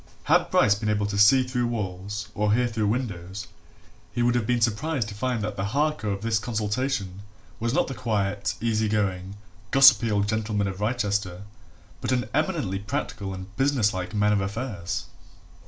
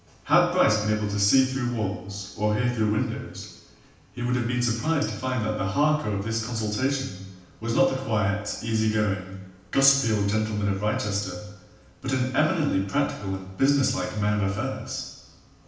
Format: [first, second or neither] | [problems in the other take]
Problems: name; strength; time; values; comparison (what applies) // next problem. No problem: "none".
first | room echo; dies away in 0.9 s